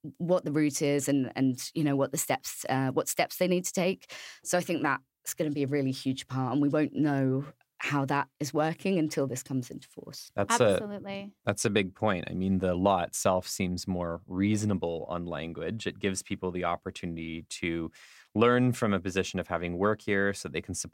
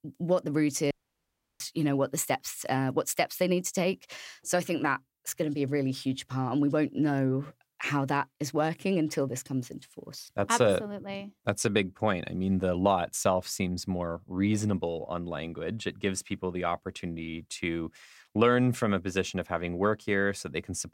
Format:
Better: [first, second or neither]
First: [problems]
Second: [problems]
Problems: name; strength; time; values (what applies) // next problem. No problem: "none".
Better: first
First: none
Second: audio cutting out; at 1 s for 0.5 s